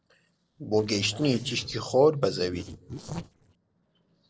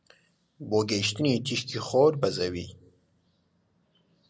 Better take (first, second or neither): second